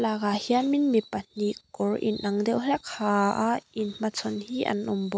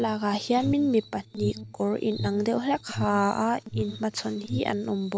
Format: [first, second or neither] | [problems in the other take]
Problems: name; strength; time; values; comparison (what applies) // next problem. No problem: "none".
first | background sound (Alarm); 10 dB below the speech